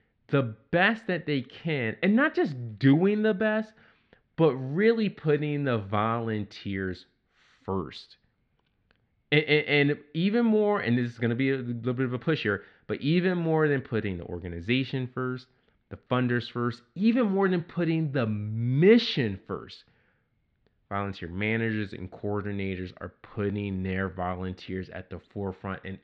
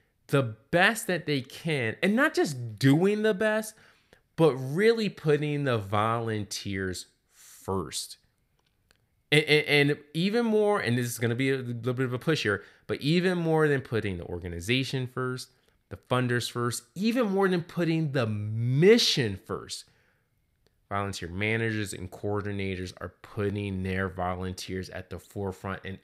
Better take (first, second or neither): second